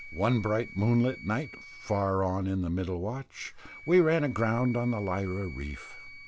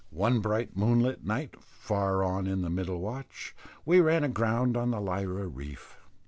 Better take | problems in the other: second | background sound (Wind instrument, woodwind instrument); 19 dB below the speech

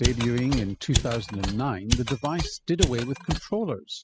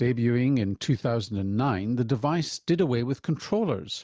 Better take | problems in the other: second | noise reduction (classical method spectral subtraction)

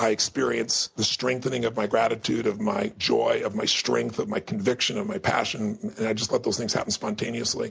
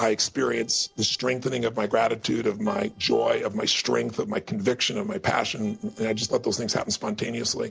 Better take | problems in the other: first | noise reduction (neural separator model SepFormer DNS4)

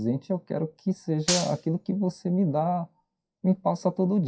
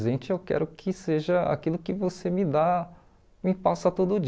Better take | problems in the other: second | noise reduction (classical method WPE with log-MMSE)

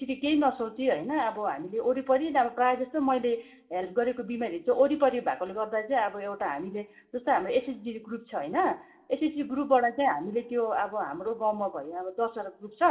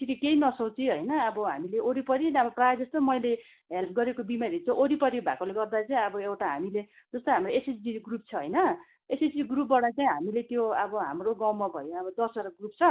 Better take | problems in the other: second | room echo; dies away in 0.4 s

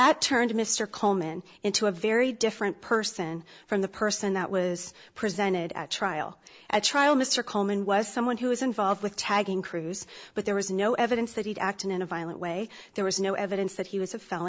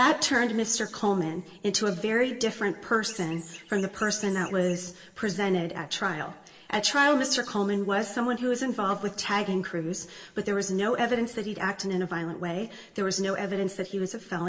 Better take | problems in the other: first | background sound (Chirp, tweet); 19 dB below the speech // room echo; dies away in 1 s

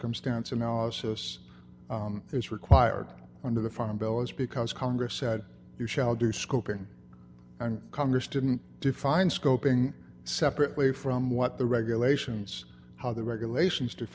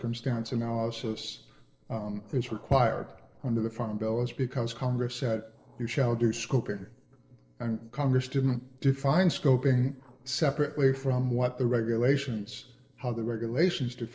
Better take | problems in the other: first | noise reduction (neural separator model SepFormer DNS4)

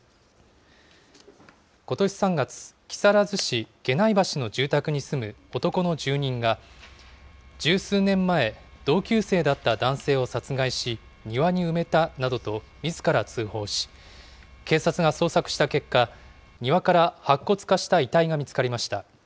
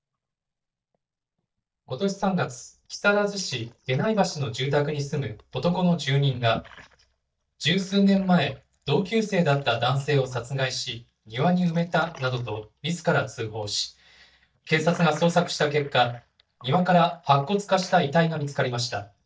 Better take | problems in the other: first | noise reduction (neural mask model DeepFilterNet 3)

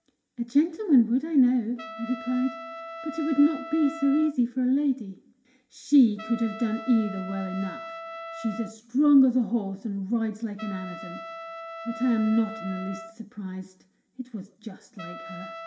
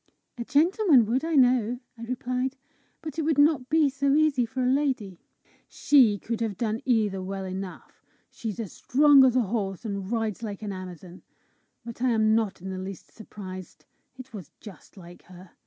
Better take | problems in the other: second | background sound (Trumpet); 15 dB below the speech // room echo; dies away in 0.6 s

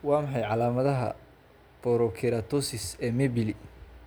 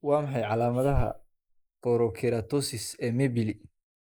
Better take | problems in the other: first | noise reduction (neural mask model Resemble Enhance denoiser)

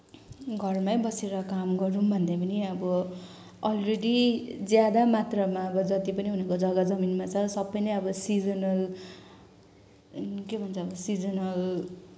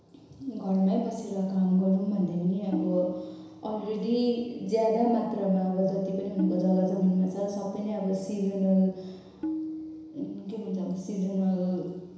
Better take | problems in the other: first | background sound (Tabla); 12 dB below the speech // room echo; dies away in 1 s

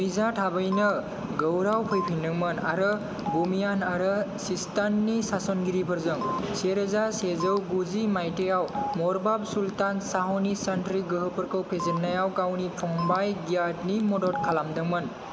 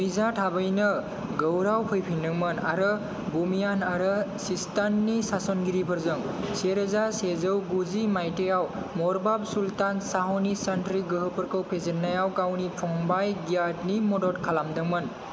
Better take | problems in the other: second | background sound (Telephone); 10 dB below the speech

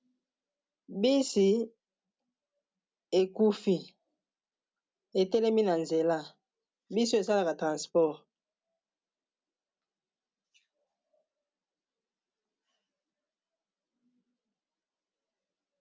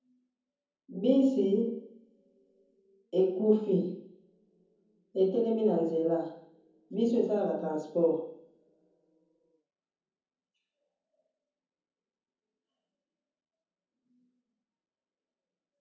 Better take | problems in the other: first | room echo; dies away in 0.7 s

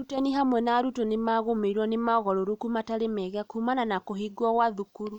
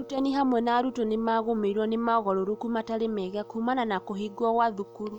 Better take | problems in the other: first | background sound (Wind instrument, woodwind instrument); 19 dB below the speech

